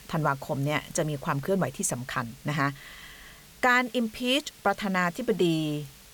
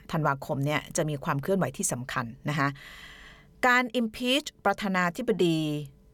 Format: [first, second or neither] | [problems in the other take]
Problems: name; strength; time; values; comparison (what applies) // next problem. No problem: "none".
second | hiss; faint; throughout; 20 dB below the speech